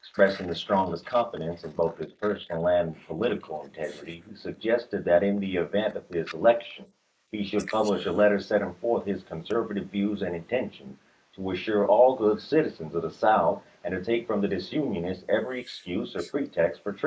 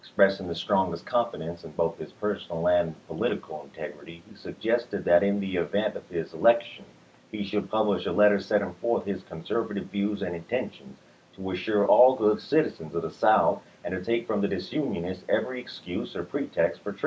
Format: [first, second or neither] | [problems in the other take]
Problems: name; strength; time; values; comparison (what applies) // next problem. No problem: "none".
second | noise reduction (neural mask model Resemble Enhance denoiser)